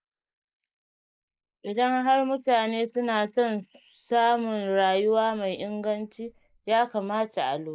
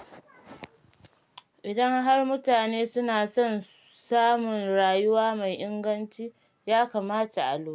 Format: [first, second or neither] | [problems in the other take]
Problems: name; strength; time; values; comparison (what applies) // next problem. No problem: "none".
second | noise reduction (neural mask model Resemble Enhance denoiser)